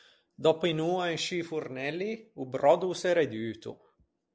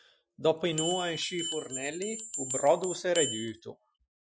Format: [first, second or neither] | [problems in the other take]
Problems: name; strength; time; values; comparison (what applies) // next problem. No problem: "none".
first | noise reduction (classical method Wiener filter)